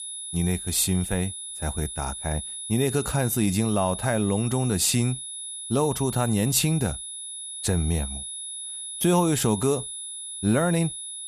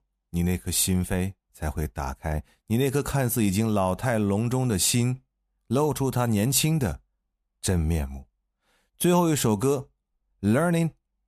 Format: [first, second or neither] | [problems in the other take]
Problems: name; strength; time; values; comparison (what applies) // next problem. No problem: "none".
second | high-pitched whine; loud; throughout; 10 kHz, 8 dB below the speech